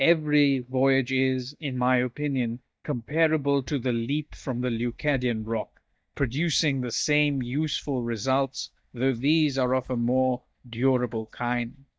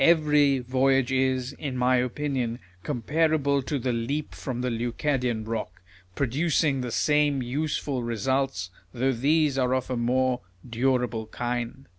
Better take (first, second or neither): second